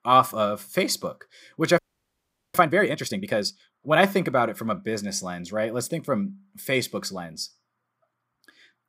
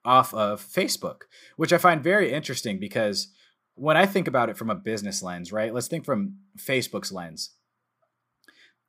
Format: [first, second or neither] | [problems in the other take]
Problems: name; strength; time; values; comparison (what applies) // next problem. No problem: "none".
second | audio freezing; at 2 s for 1 s